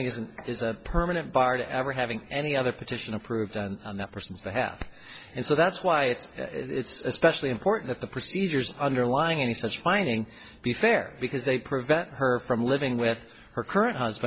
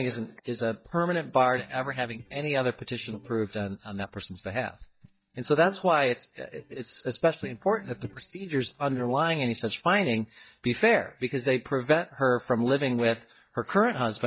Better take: first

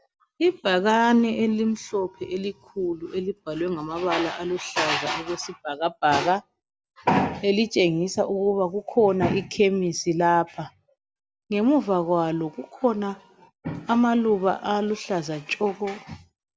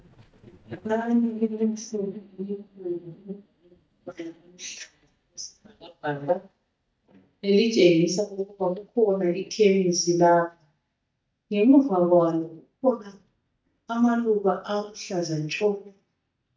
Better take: first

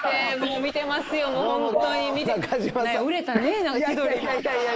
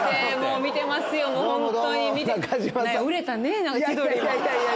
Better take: second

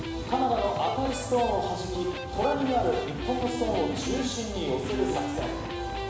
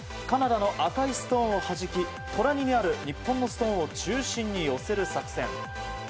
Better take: second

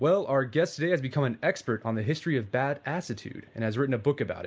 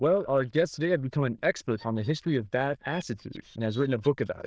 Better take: first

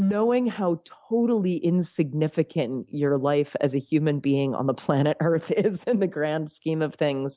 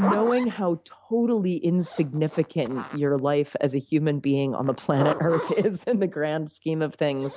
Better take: first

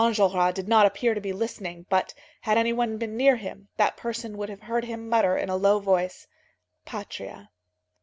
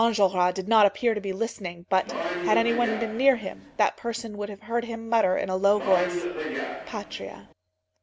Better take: first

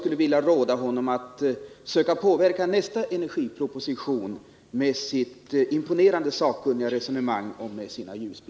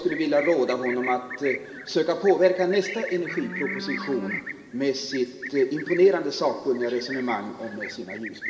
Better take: first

